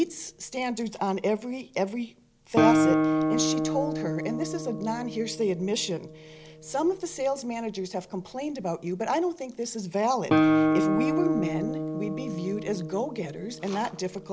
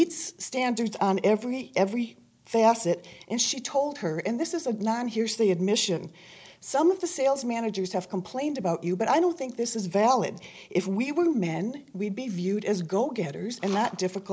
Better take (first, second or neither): second